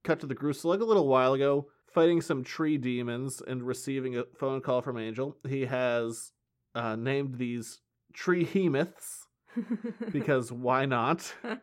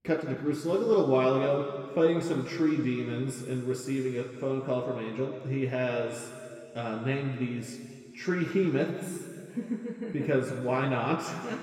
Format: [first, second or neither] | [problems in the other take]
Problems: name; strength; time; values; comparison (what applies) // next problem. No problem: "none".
first | room echo; noticeable; dies away in 2.2 s // off-mic speech; somewhat distant